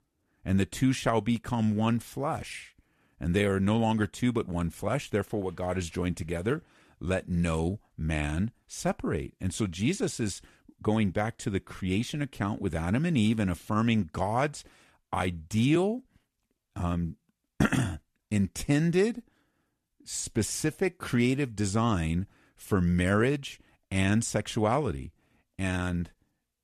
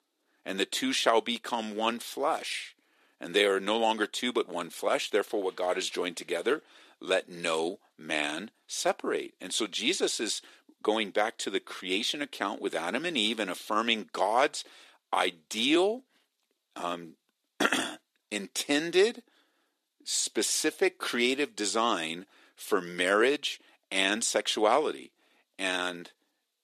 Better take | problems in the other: first | thin; somewhat; fading below 350 Hz

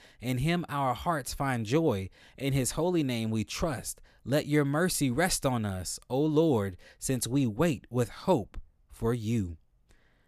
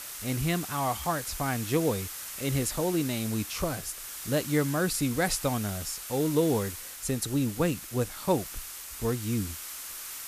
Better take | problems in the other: first | hiss; loud; throughout; 7 dB below the speech

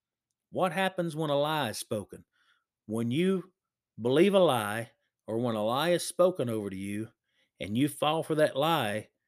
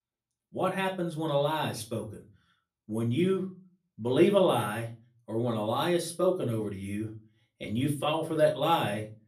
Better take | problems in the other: first | off-mic speech; far // room echo; very slight; dies away in 0.3 s

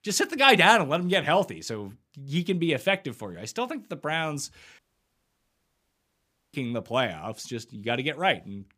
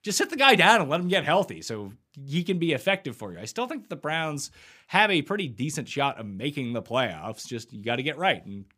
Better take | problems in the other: second | audio cutting out; at 5 s for 1.5 s

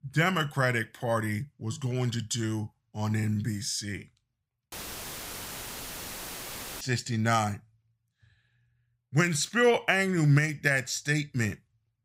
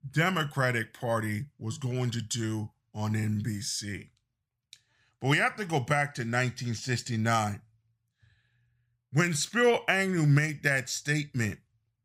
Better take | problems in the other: second | audio cutting out; filled with static; at 4.5 s for 2 s

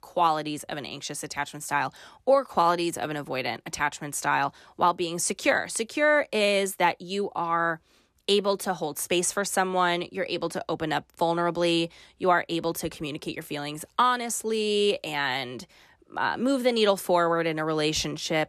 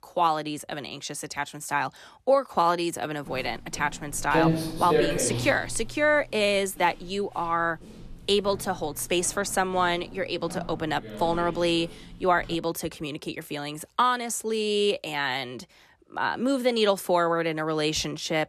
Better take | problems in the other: first | footsteps; loud; from 3.5 to 13 s; peak 2 dB above the speech

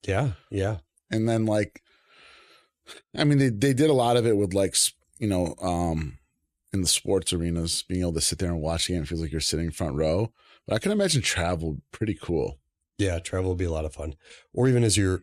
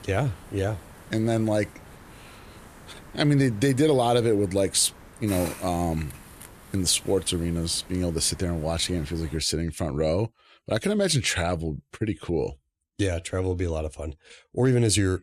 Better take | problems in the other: first | hiss; noticeable; until 9.5 s; 20 dB below the speech

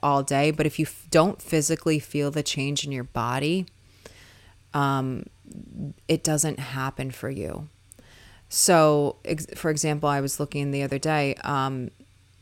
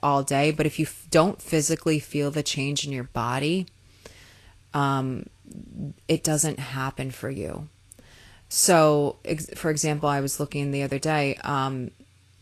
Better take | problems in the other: first | garbled, watery; slightly; nothing above 13 kHz

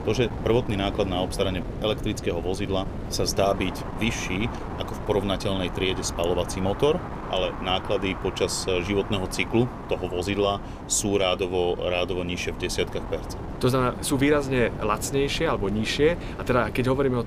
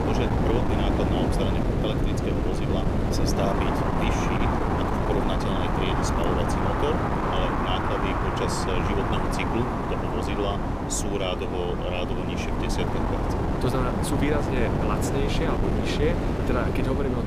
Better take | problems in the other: first | wind noise on the microphone; heavy; 3 dB above the speech; occasional gusts in the first

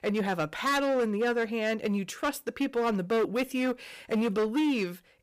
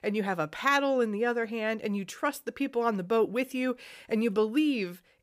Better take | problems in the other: second | distortion; slight; 13% of the sound clipped

